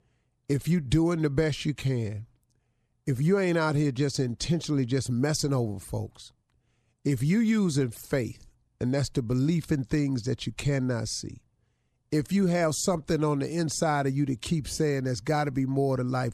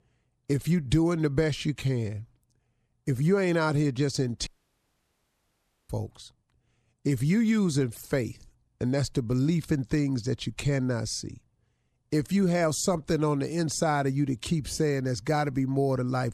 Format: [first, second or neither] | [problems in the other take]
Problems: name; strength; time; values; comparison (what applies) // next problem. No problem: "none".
first | audio cutting out; at 4.5 s for 1.5 s